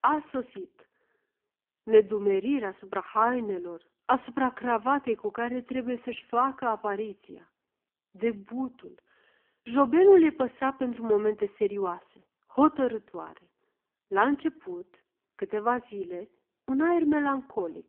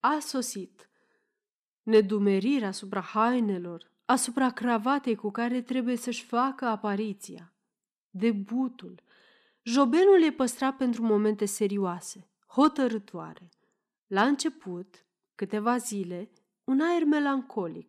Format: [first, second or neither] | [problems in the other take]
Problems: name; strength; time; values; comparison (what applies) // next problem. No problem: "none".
second | phone-call audio; poor line